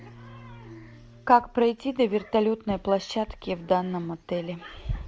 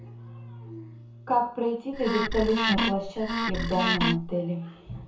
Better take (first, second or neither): first